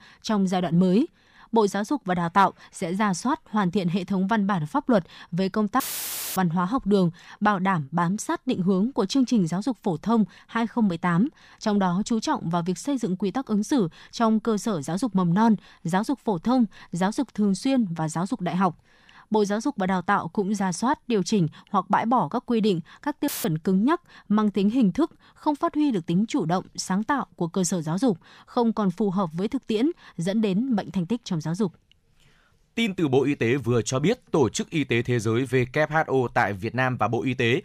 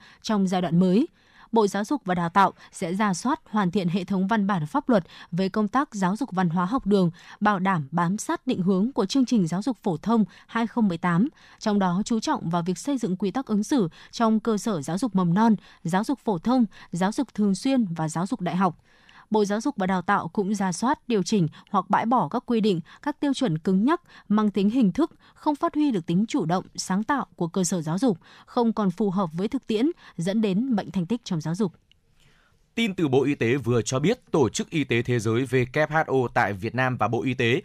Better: second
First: audio cutting out; filled with static; at 6 s for 0.5 s and at 23 s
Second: none

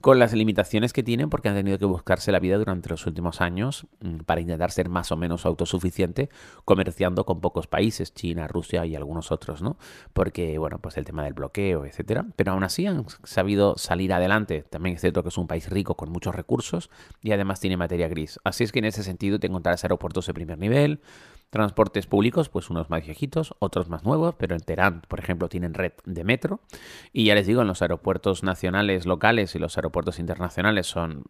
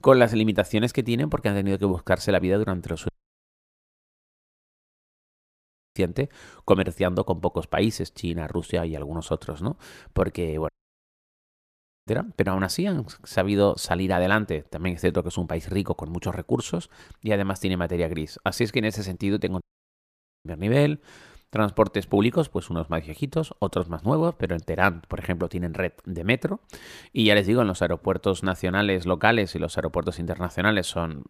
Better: first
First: none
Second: audio cutting out; at 3 s for 3 s, at 11 s for 1.5 s and at 20 s for 1 s

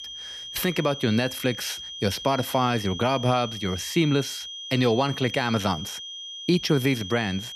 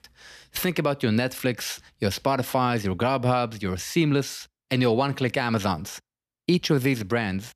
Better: second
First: high-pitched whine; loud; throughout; 3 kHz, 9 dB below the speech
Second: none

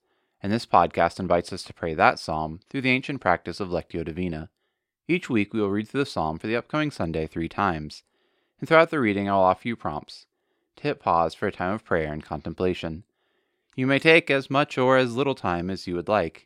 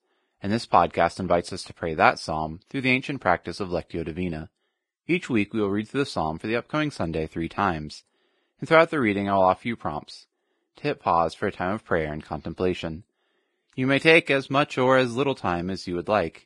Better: first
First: none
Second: garbled, watery; badly; nothing above 10 kHz

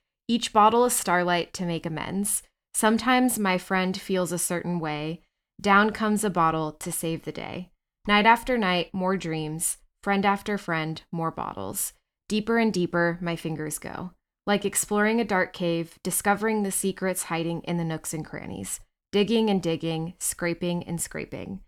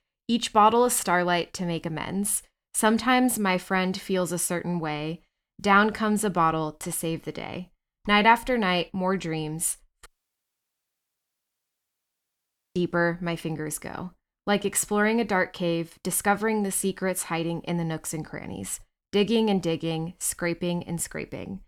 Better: first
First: none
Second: audio cutting out; at 10 s for 2.5 s

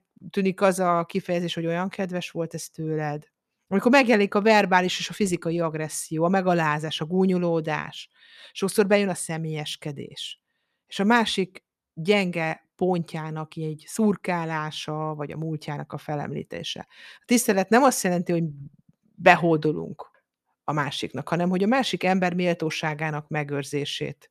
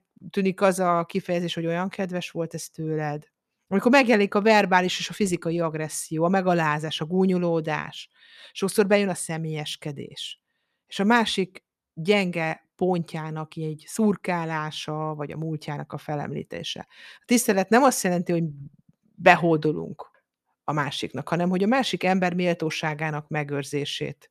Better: neither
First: none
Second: none

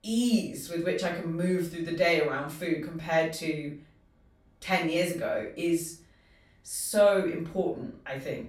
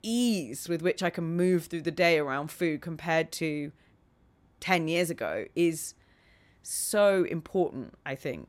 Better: second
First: off-mic speech; far // room echo; slight; dies away in 0.3 s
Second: none

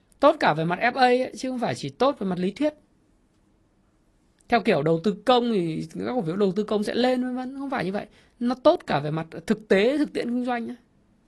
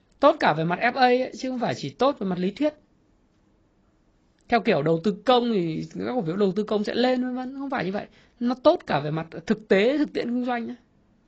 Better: first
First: garbled, watery; slightly; nothing above 11.5 kHz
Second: garbled, watery; badly; nothing above 7.5 kHz

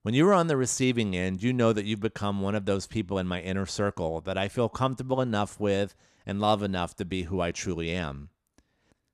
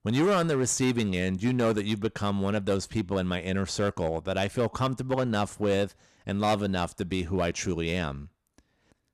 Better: first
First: none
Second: distortion; slight; 6% of the sound clipped

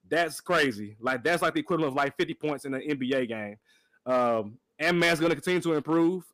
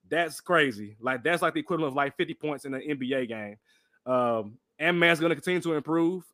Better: second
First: distortion; slight; 4% of the sound clipped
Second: none

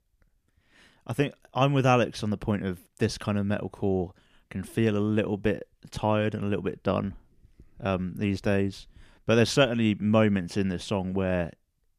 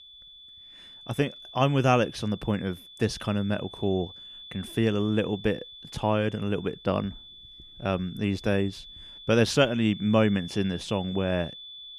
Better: first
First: none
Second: high-pitched whine; noticeable; throughout; 3.5 kHz, 15 dB below the speech

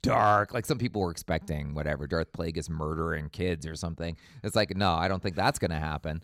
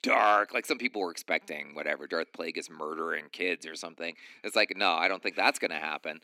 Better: first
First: none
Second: thin; somewhat; fading below 250 Hz

